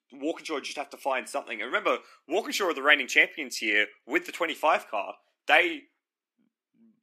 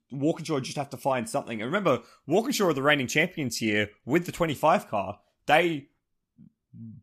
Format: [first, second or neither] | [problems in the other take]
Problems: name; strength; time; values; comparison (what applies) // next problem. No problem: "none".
second | thin; somewhat; fading below 300 Hz